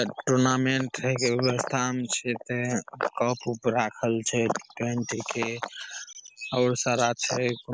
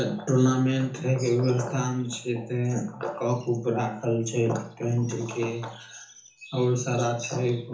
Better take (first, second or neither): first